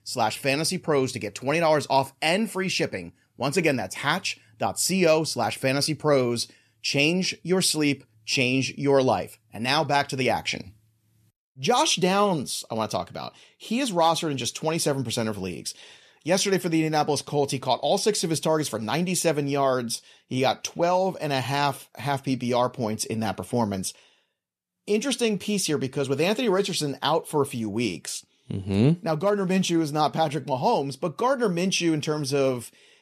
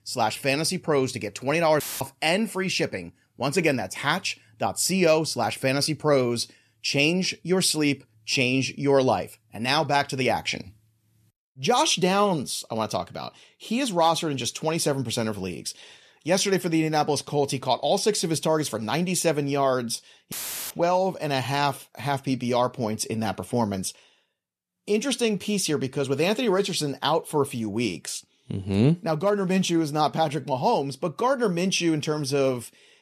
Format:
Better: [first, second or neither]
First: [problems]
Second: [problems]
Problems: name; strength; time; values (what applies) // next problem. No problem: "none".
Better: first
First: none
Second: audio cutting out; filled with static; at 2 s and at 20 s